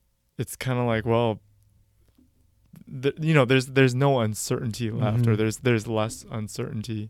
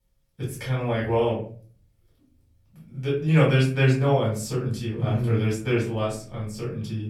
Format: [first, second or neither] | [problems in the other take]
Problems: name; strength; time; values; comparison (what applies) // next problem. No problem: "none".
first | off-mic speech; far // room echo; slight; dies away in 0.4 s